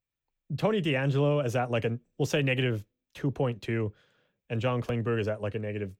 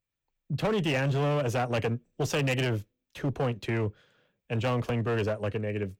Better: first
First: none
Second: distortion; slight; 11% of the sound clipped

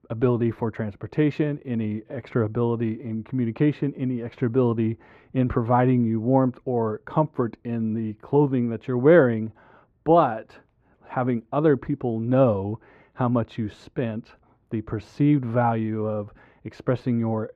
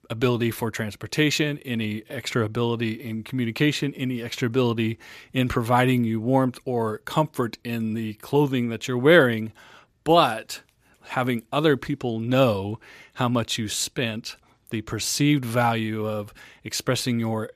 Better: second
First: muffled; very; fading above 3 kHz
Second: none

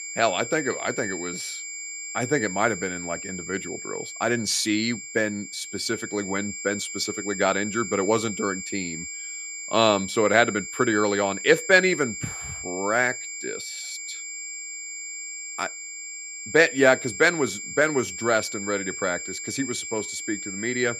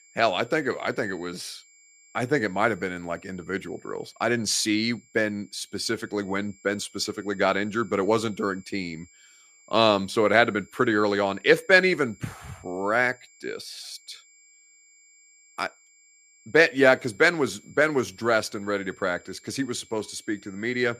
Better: second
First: high-pitched whine; loud; throughout; 7.5 kHz, 8 dB below the speech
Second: high-pitched whine; faint; throughout; 7.5 kHz, 30 dB below the speech

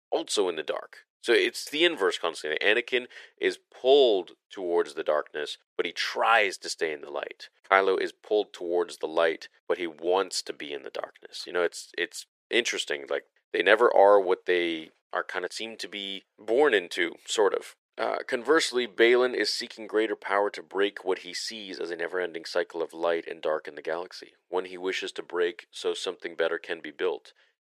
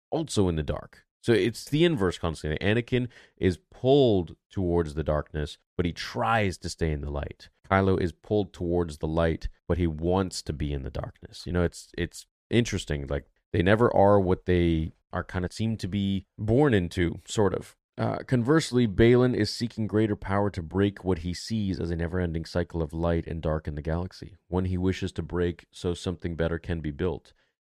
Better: second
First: thin; very; fading below 400 Hz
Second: none

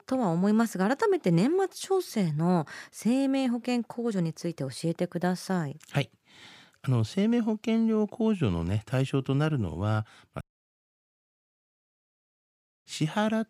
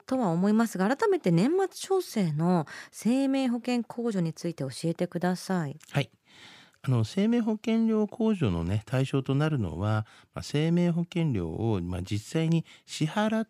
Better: second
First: audio cutting out; at 10 s for 2.5 s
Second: none

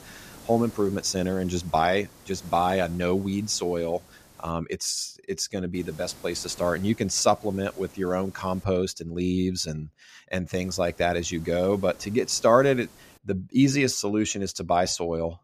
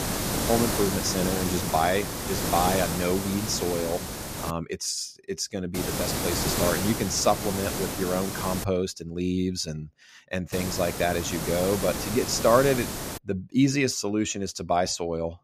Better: first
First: hiss; faint; until 4.5 s, from 6 to 8.5 s and from 11 to 13 s; 25 dB below the speech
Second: hiss; loud; until 4.5 s, from 6 to 8.5 s and from 11 to 13 s; 3 dB below the speech

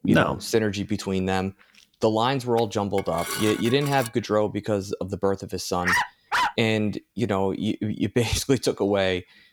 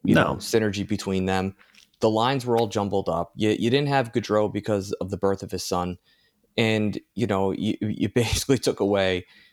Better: second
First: clattering dishes; noticeable; from 3 to 4 s; peak 4 dB below the speech // dog barking; loud; at 6 s; peak 2 dB above the speech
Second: none

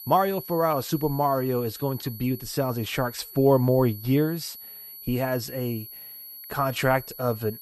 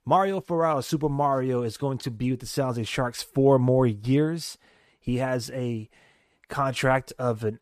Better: second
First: high-pitched whine; noticeable; throughout; 12 kHz, 15 dB below the speech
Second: none

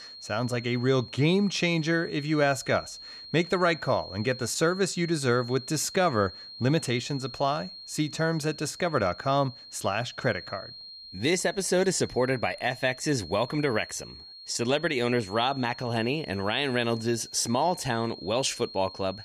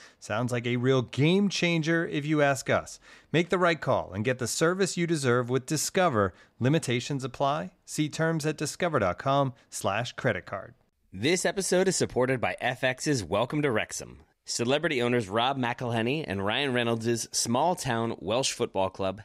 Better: second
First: high-pitched whine; noticeable; throughout; 4 kHz, 15 dB below the speech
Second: none

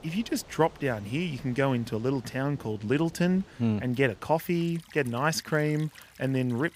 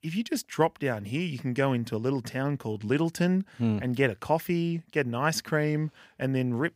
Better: second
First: rain or running water; faint; throughout; 25 dB below the speech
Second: none

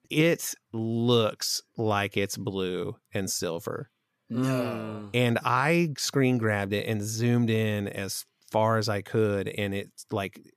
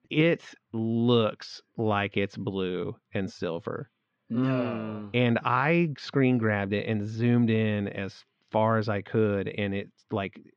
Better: first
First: none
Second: muffled; slightly; fading above 3.5 kHz

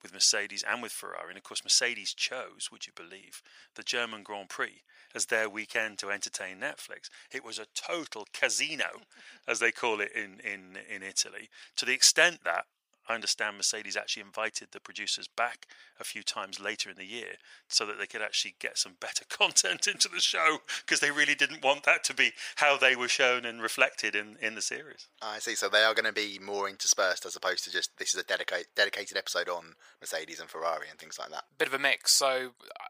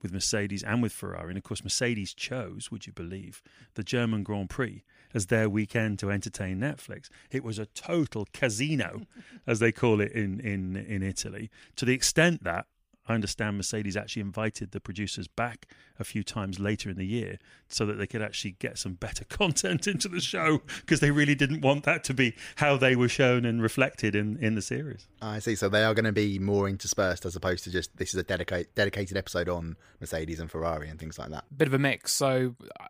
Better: second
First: thin; very; fading below 750 Hz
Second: none

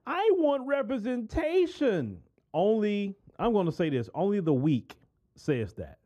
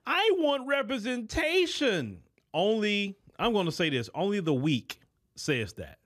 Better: second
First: muffled; slightly; fading above 1.5 kHz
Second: none

